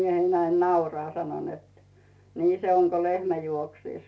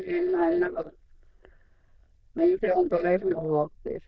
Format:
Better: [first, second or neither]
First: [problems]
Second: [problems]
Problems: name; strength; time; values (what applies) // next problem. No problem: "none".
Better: first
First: none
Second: noise reduction (neural diffusion model UNIVERSE++)